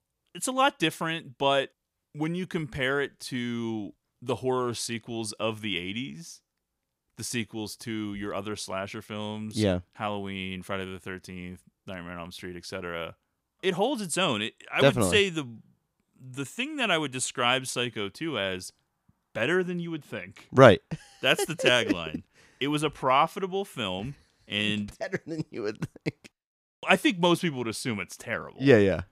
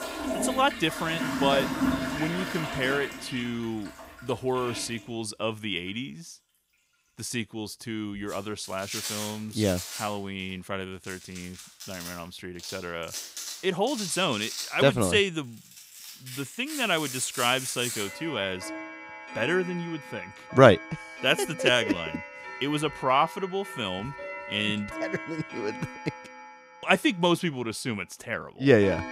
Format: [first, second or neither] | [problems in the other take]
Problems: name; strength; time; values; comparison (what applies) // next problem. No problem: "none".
first | household noises; loud; throughout; 8 dB below the speech